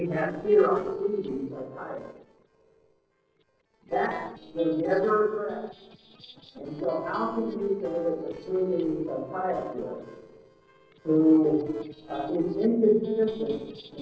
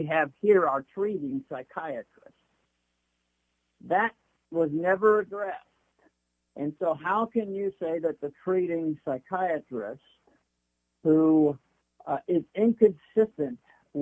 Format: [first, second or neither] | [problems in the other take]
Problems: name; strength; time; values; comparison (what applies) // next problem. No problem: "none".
second | noise reduction (neural separator model SepFormer DNS4)